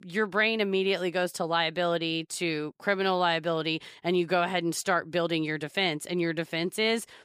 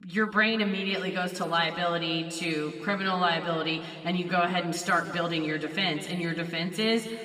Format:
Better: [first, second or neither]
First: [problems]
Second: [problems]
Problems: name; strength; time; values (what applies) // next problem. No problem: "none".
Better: first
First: none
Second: room echo; slight; dies away in 1.9 s // off-mic speech; somewhat distant